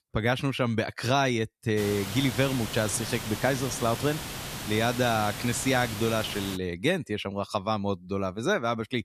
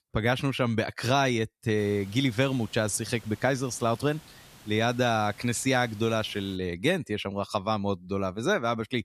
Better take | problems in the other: second | hiss; loud; from 2 to 6.5 s; 7 dB below the speech; faint in the second

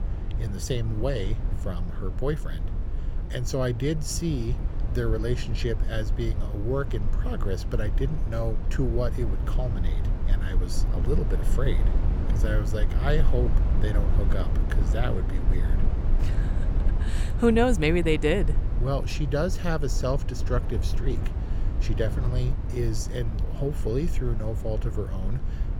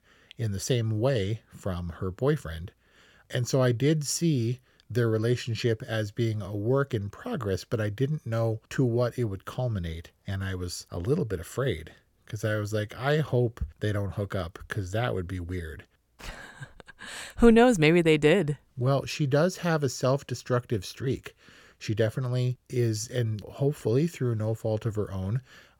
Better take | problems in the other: second | low rumble; noticeable; throughout; 10 dB below the speech

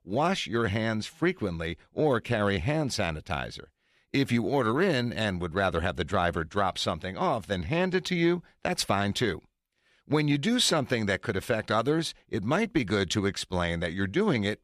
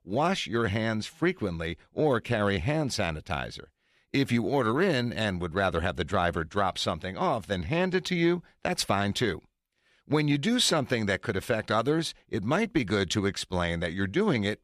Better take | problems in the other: neither | none

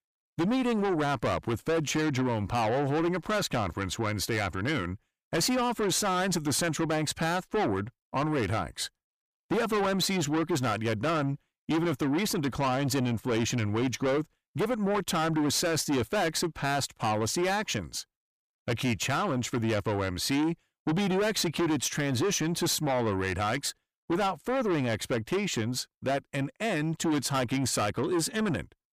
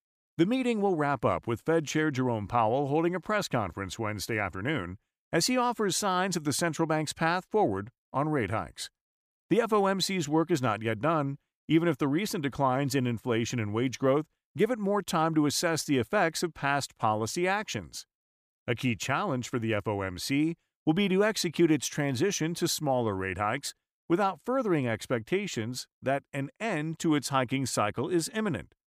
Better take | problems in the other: second | distortion; heavy; 6 dB below the speech

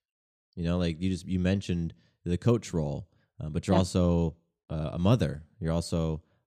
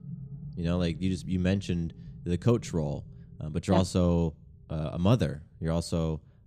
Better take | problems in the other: first | low rumble; faint; throughout; 20 dB below the speech

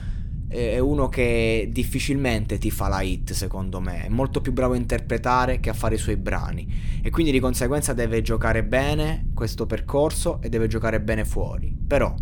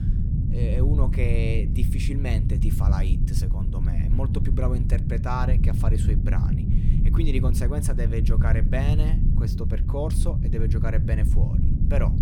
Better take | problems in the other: first | low rumble; loud; throughout; 3 dB below the speech; faint in the first

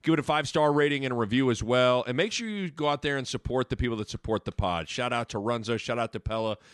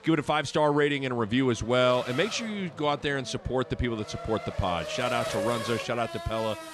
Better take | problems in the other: first | traffic noise; loud; throughout; 9 dB below the speech

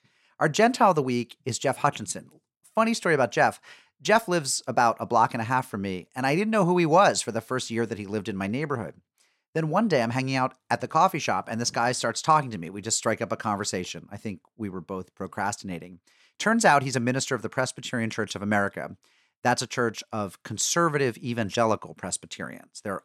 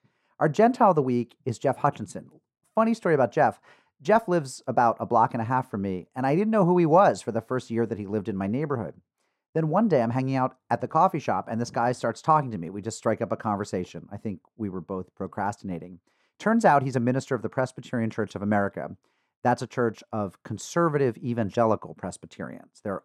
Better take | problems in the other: first | muffled; slightly; fading above 1.5 kHz

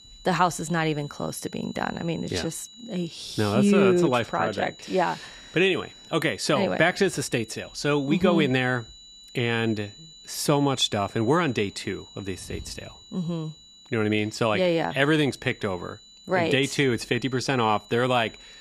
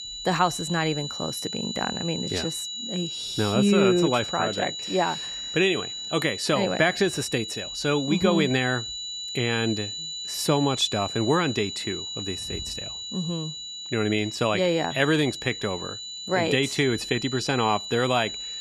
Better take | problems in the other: first | high-pitched whine; loud; throughout; 4 kHz, 6 dB below the speech; faint in the first

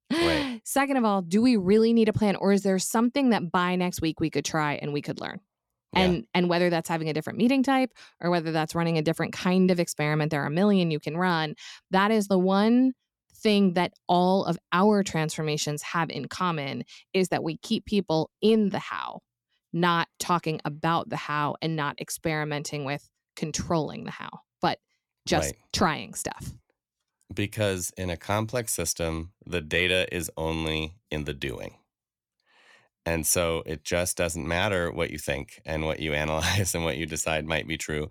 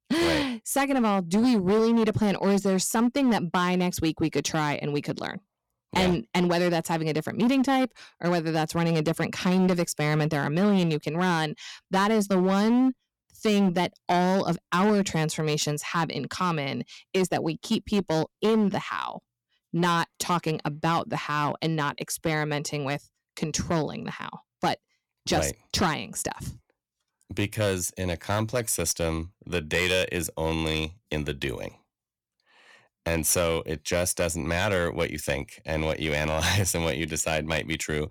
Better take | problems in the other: first | distortion; slight; 7% of the sound clipped

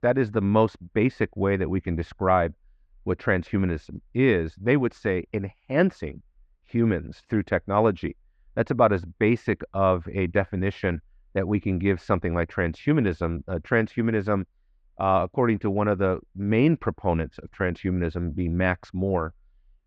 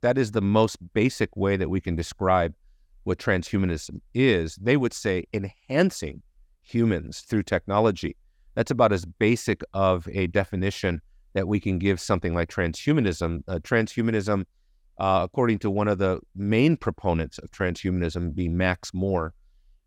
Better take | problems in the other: second | muffled; very; fading above 2 kHz

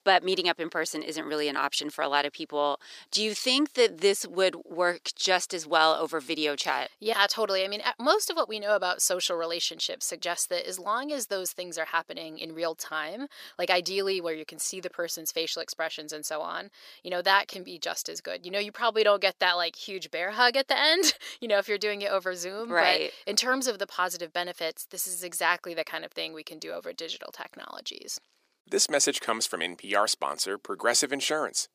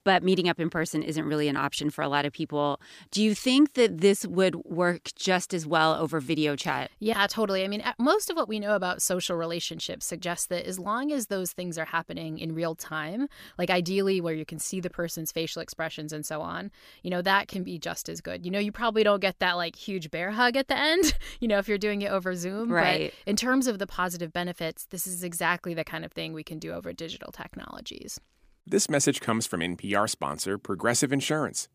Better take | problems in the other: second | thin; somewhat; fading below 500 Hz

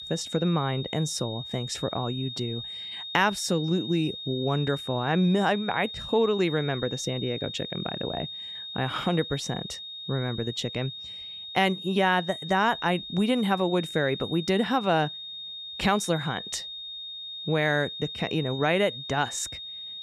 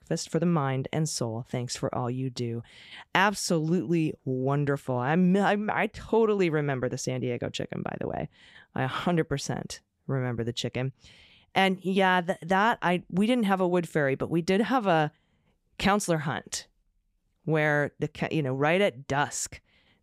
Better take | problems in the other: second | high-pitched whine; loud; throughout; 3.5 kHz, 8 dB below the speech

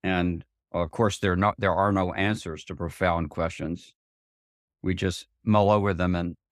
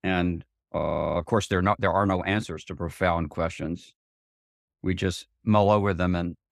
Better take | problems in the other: first | audio freezing; at 1 s

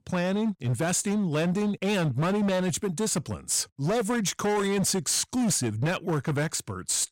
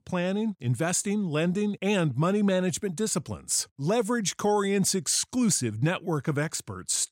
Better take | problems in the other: second | distortion; slight; 20% of the sound clipped

